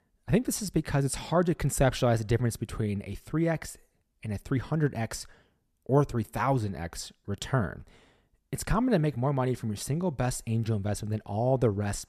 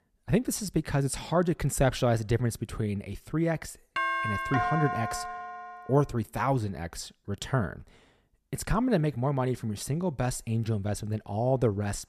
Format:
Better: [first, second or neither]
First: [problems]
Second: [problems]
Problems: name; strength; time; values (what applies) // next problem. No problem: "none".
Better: first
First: none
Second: doorbell; loud; from 4 to 6 s; peak 1 dB above the speech